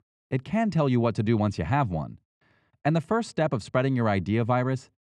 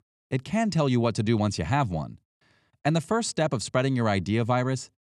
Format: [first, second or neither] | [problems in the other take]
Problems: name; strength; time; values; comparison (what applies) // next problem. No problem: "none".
second | muffled; slightly; fading above 3.5 kHz